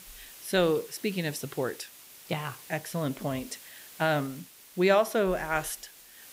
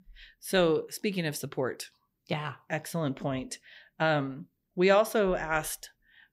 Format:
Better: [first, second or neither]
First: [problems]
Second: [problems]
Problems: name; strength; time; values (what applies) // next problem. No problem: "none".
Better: second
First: hiss; noticeable; throughout; 15 dB below the speech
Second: none